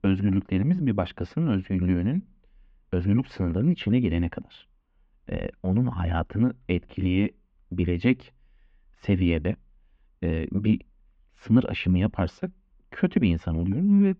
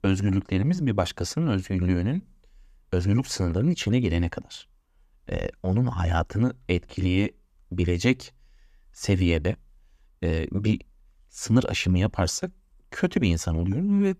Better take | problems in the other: second | muffled; very; fading above 3 kHz

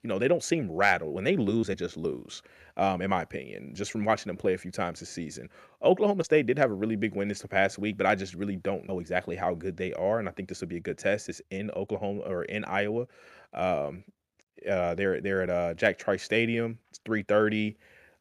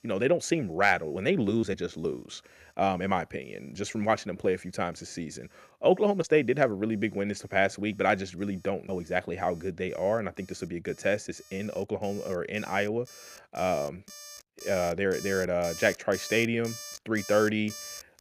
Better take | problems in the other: first | alarms or sirens; noticeable; throughout; 15 dB below the speech

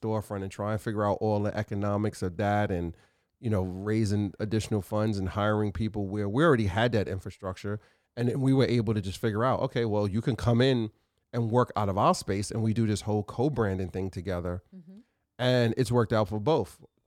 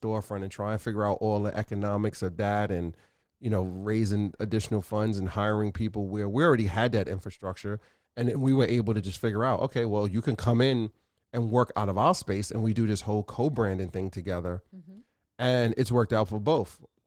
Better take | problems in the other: first | garbled, watery; slightly

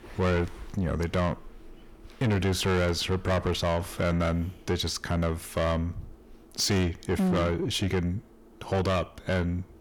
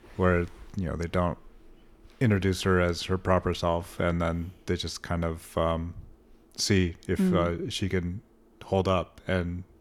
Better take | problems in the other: second | distortion; heavy; 8 dB below the speech

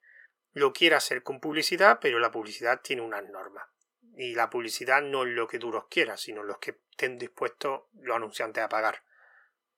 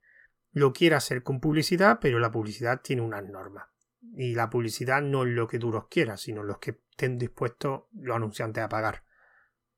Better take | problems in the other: second | thin; very; fading below 500 Hz

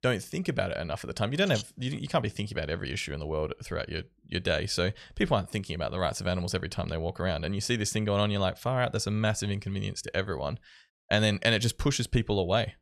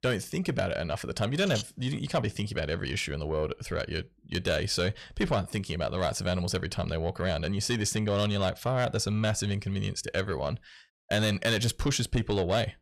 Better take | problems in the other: first | distortion; slight; 10 dB below the speech

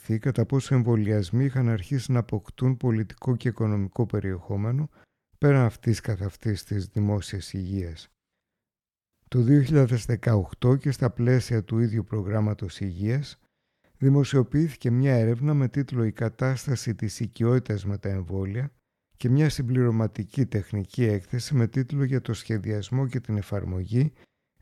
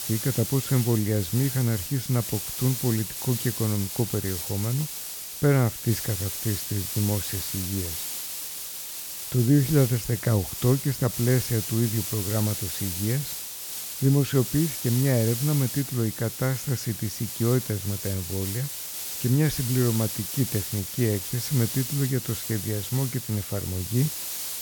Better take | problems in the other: first | hiss; loud; throughout; 4 dB below the speech

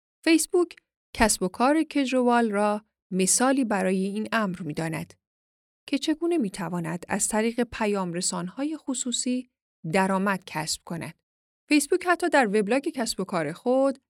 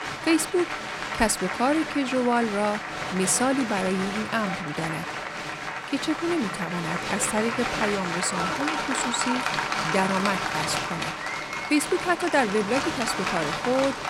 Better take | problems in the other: first | crowd noise; loud; throughout; 3 dB below the speech

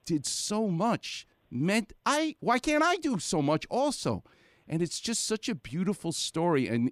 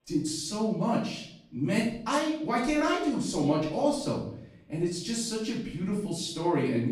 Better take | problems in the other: first | off-mic speech; far // room echo; noticeable; dies away in 0.6 s

